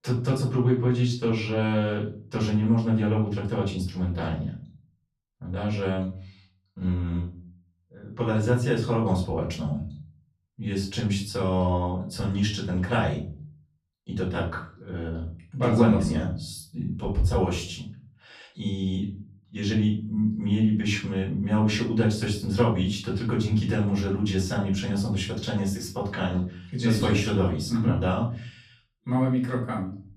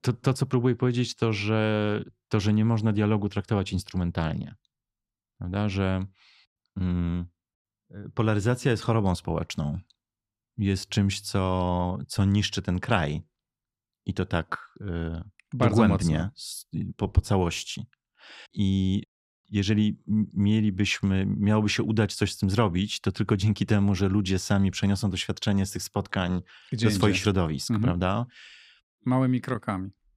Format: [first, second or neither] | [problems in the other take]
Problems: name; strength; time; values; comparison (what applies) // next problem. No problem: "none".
second | room echo; slight; dies away in 0.4 s // off-mic speech; far